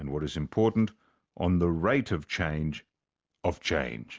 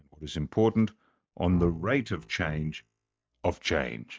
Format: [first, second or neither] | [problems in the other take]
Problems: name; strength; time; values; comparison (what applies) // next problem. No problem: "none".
first | noise reduction (neural mask model DeepFilterNet 3)